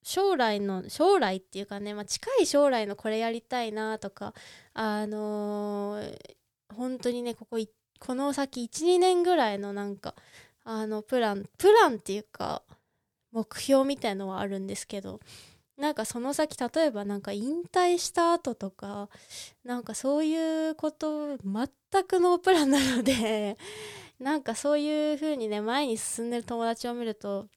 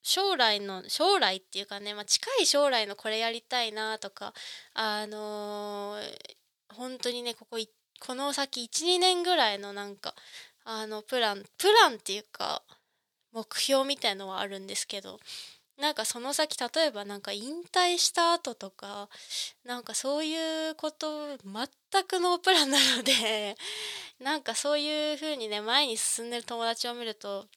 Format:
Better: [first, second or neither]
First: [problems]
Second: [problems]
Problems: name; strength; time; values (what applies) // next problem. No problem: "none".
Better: first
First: none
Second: thin; somewhat; fading below 1 kHz